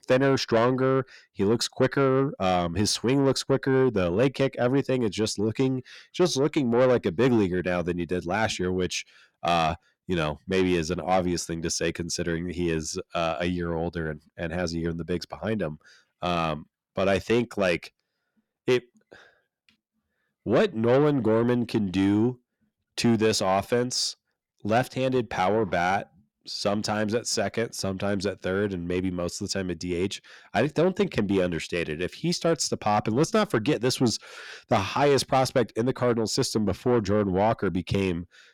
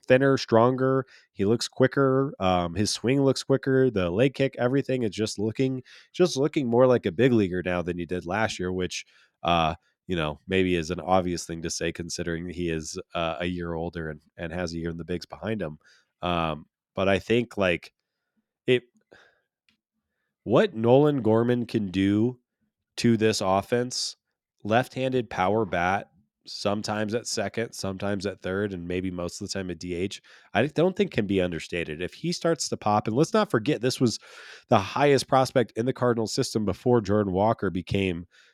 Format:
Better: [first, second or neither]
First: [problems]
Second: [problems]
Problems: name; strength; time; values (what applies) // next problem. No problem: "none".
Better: second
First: distortion; slight; 10 dB below the speech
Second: none